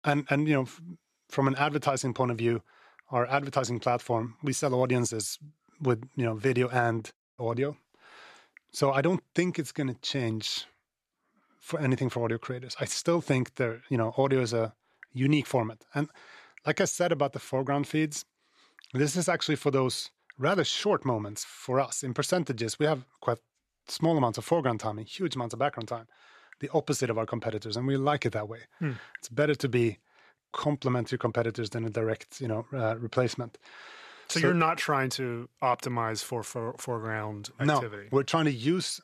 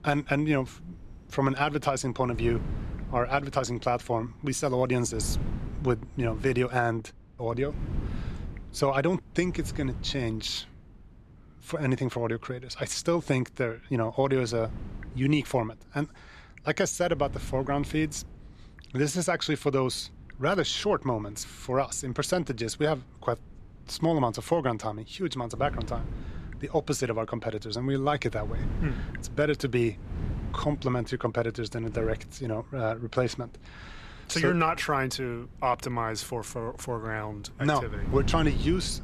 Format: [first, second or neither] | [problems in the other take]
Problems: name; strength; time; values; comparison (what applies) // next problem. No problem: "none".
first | wind noise on the microphone; occasional gusts; 20 dB below the speech